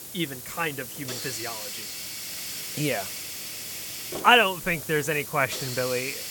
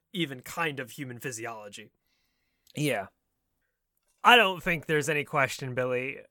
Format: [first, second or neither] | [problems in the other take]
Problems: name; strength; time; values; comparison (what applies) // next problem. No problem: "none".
second | hiss; loud; throughout; 8 dB below the speech